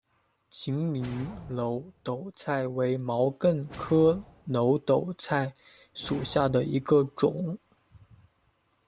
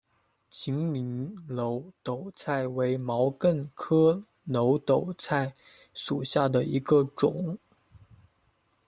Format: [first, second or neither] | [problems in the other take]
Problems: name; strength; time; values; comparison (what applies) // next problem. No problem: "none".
second | background sound (Whoosh, swoosh, swish); 20 dB below the speech